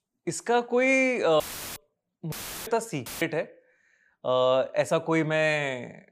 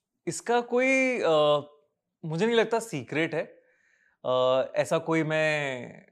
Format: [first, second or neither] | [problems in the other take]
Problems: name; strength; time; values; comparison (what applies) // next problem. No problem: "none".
second | audio cutting out; filled with static; at 1.5 s, at 2.5 s and at 3 s